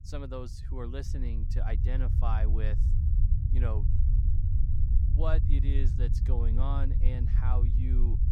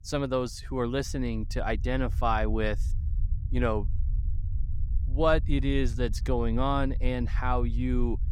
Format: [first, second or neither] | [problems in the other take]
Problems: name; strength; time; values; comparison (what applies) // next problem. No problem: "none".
second | low rumble; loud; throughout; 5 dB below the speech; faint in the second